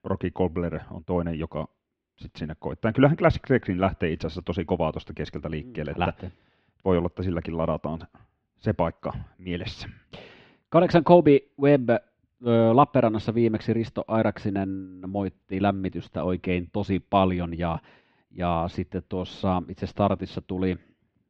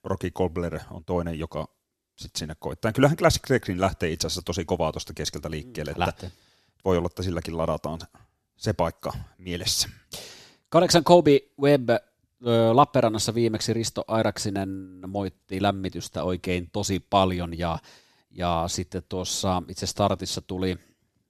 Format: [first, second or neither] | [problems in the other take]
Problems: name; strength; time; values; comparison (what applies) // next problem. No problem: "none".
second | muffled; very; fading above 3 kHz